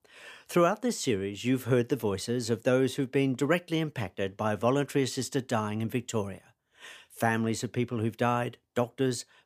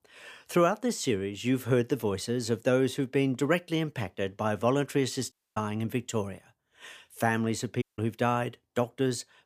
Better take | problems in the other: first | audio cutting out; at 5.5 s and at 8 s

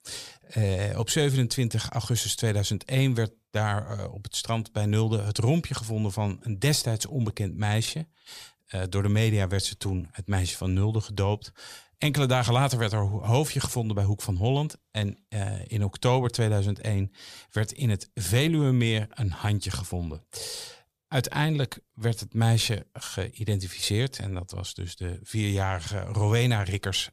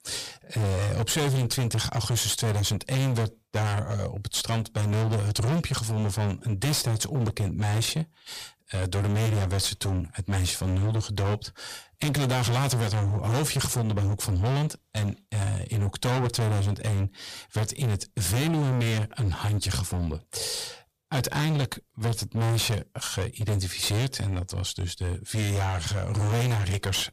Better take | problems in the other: first | distortion; heavy; 26% of the sound clipped

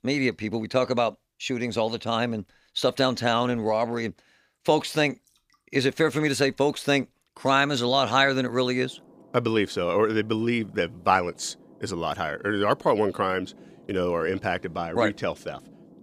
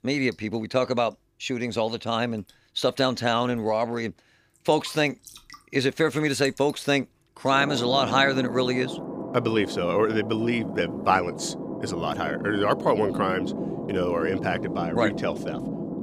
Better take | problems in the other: first | rain or running water; loud; throughout; 7 dB below the speech; faint in the first

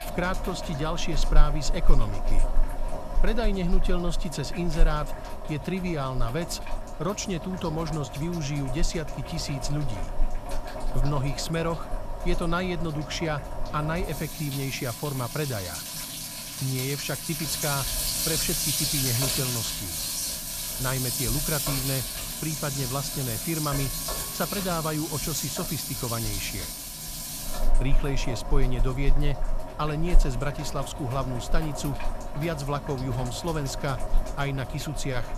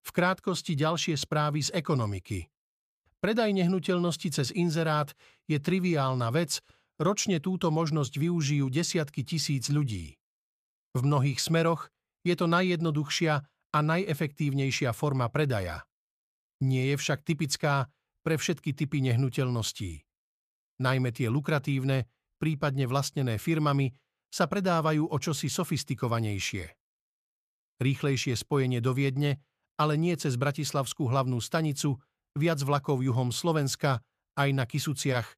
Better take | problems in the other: second | household noises; loud; throughout; as loud as the speech

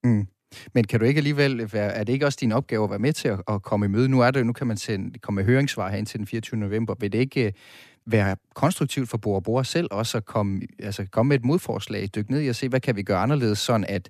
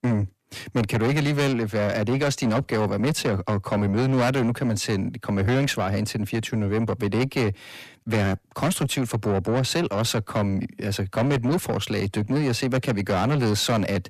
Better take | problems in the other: first | distortion; heavy; 8 dB below the speech

